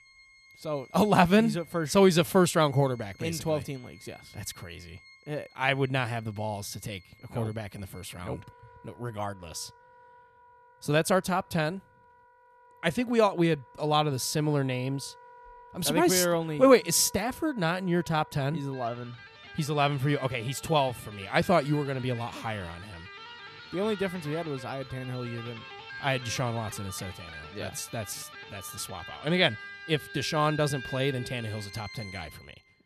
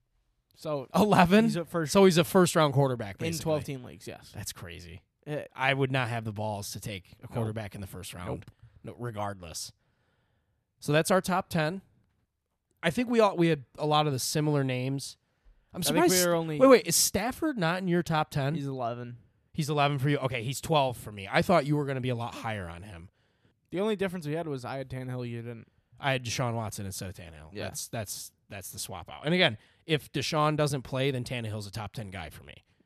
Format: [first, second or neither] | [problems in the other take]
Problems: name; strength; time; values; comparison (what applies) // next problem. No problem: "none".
second | background music; noticeable; throughout; 20 dB below the speech